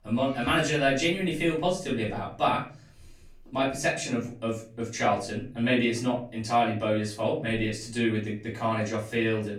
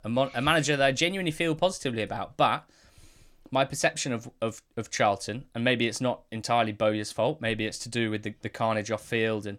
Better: second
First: off-mic speech; far // room echo; slight; dies away in 0.4 s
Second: none

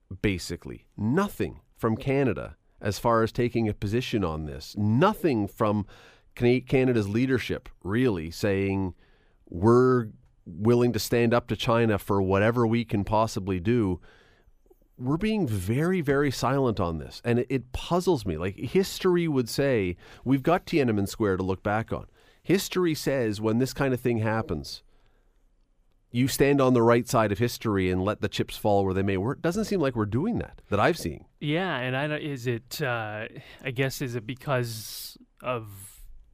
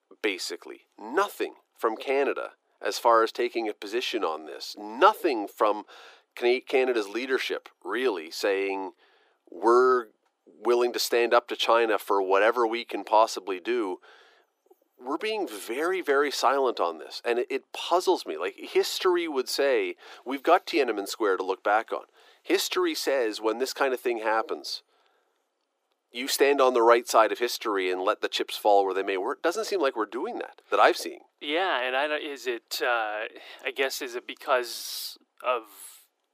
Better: first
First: none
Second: thin; very; fading below 350 Hz

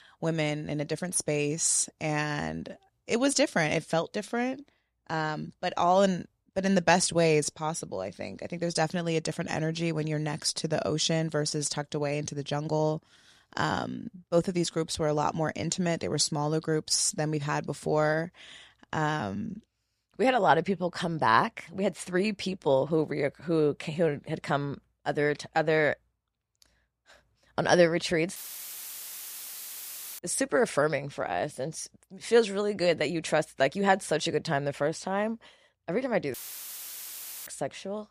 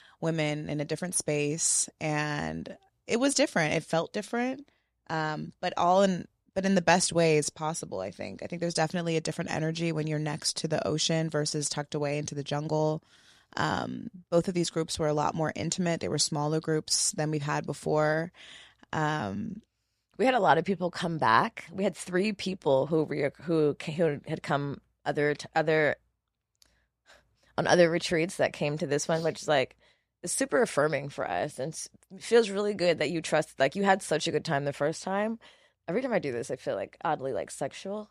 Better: second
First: audio cutting out; filled with static; at 28 s for 2 s and at 36 s for 1 s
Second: none

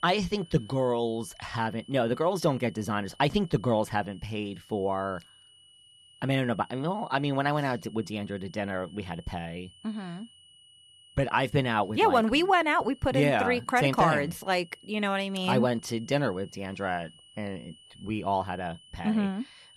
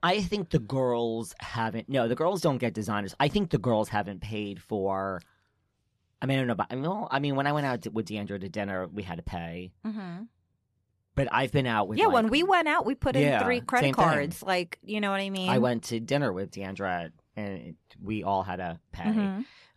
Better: second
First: high-pitched whine; faint; throughout; 3 kHz, 25 dB below the speech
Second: none

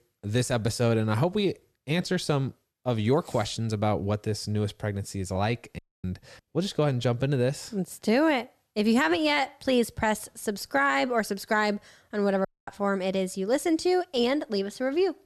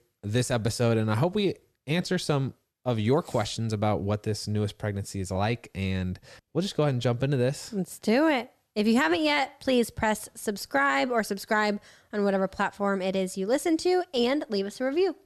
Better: second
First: audio cutting out; at 6 s and at 12 s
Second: none

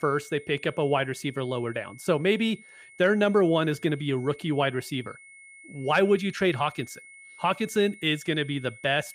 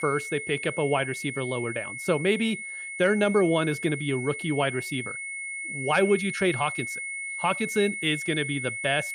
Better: first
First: high-pitched whine; faint; throughout; 2 kHz, 20 dB below the speech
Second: high-pitched whine; loud; throughout; 2 kHz, 6 dB below the speech

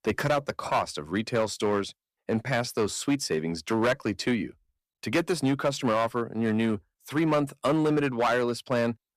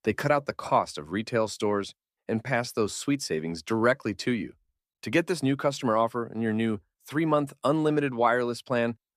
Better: second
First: distortion; slight; 6% of the sound clipped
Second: none

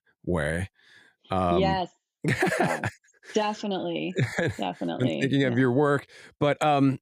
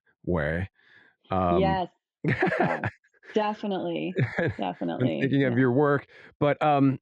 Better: first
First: none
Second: muffled; slightly; fading above 2.5 kHz

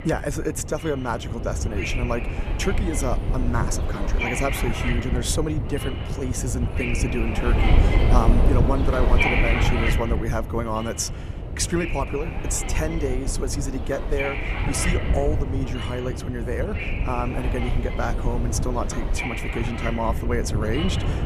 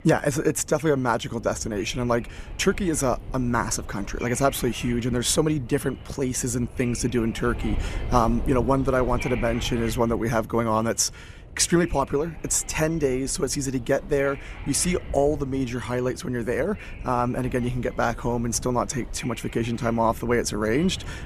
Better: second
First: wind noise on the microphone; heavy; 1 dB below the speech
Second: wind noise on the microphone; occasional gusts; 15 dB below the speech

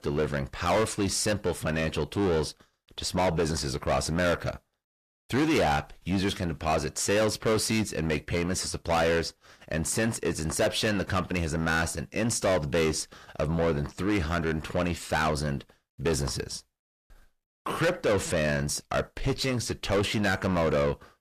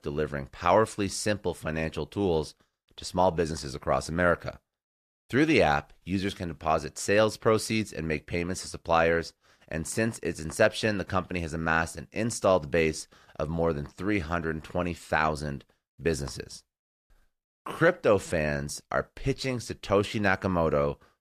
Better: second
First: distortion; heavy; 6 dB below the speech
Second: none

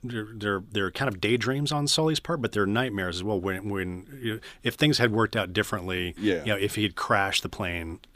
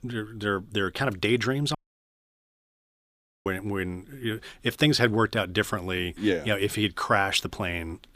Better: first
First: none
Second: audio cutting out; at 2 s for 1.5 s

